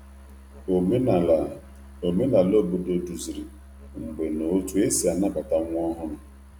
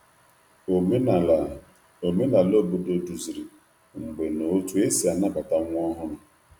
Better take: second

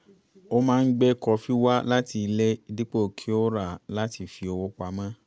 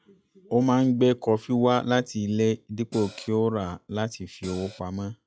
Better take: first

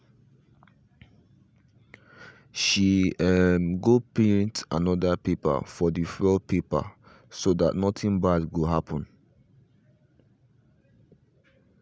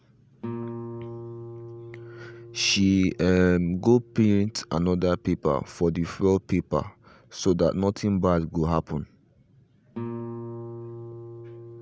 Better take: first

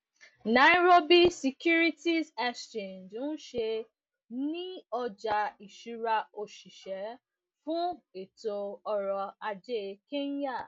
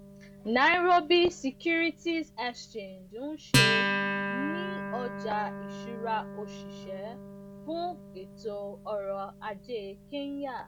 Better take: first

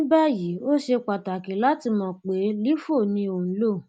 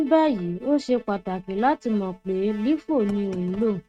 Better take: first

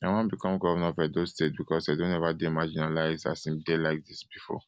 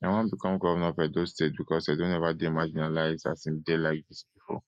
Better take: first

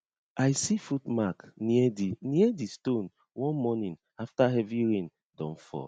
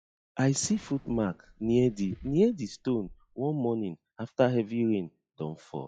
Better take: first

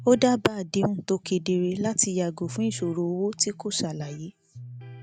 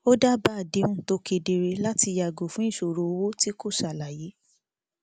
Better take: second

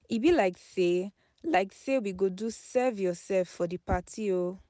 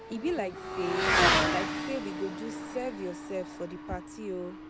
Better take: first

